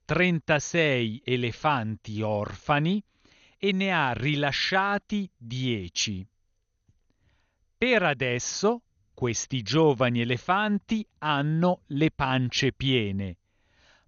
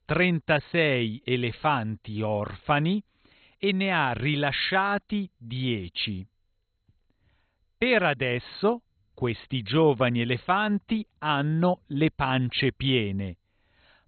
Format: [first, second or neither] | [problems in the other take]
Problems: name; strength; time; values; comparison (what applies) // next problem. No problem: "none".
first | garbled, watery; badly; nothing above 4 kHz; slightly in the first